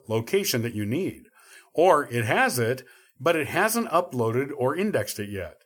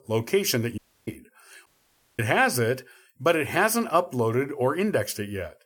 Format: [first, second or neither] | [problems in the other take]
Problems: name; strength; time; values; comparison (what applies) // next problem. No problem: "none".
first | audio cutting out; at 1 s and at 1.5 s for 0.5 s